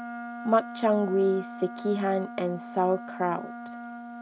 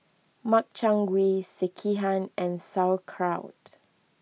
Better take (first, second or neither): second